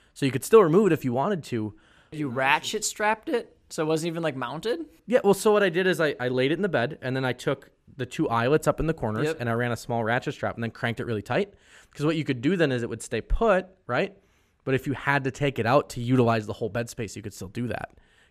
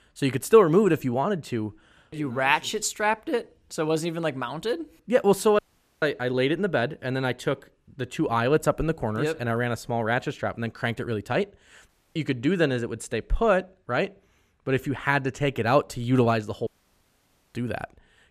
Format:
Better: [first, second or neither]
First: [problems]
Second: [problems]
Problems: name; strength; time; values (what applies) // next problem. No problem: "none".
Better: first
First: none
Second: audio cutting out; at 5.5 s, at 12 s and at 17 s for 1 s